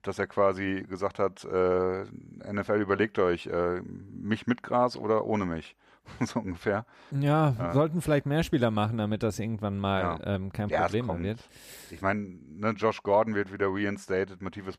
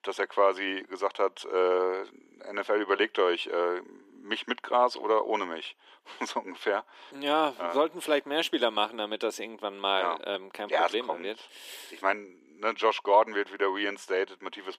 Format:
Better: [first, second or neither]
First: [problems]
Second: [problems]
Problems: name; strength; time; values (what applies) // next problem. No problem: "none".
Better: first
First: none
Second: thin; somewhat; fading below 300 Hz